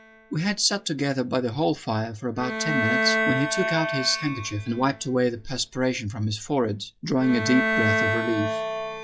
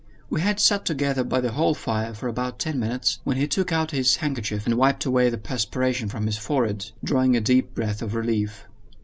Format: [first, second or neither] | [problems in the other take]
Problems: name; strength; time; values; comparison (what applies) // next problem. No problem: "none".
second | noise reduction (classical method log-MMSE)